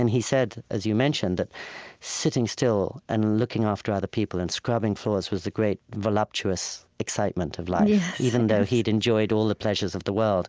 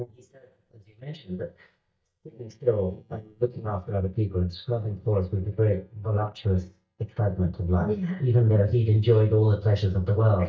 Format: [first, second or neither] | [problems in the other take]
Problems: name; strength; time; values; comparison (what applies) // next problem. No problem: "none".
first | noise reduction (neural mask model DeepFilterNet 3)